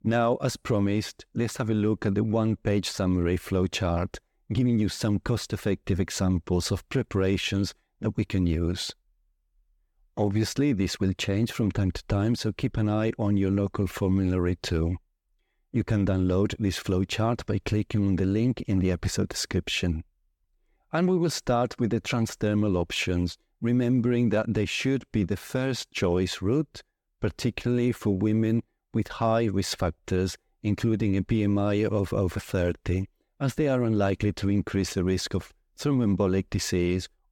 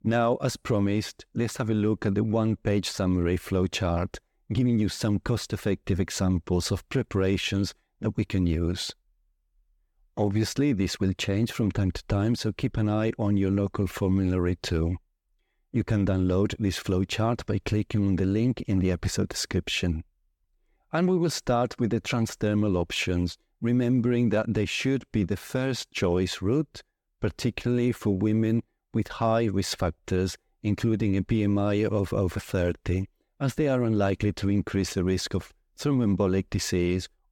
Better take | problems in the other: neither | none

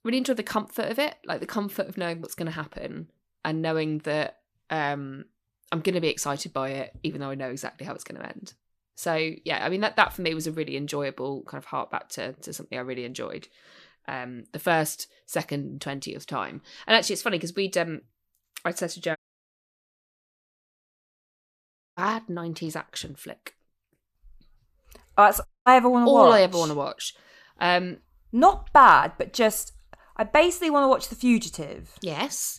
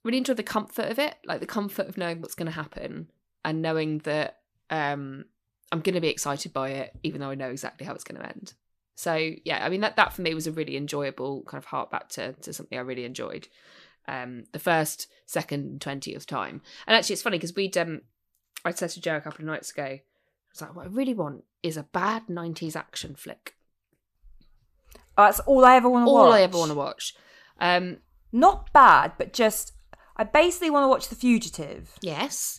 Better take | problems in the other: second | audio cutting out; at 19 s for 3 s and at 25 s

